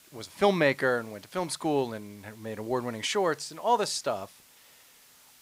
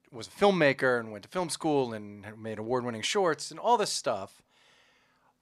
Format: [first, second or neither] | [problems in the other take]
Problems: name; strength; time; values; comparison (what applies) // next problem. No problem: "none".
second | hiss; faint; throughout; 25 dB below the speech